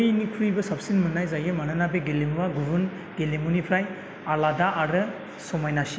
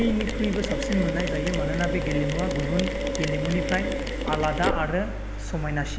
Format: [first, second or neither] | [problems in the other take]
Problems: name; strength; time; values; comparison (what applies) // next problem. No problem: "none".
first | background sound (Mechanisms); 1 dB below the speech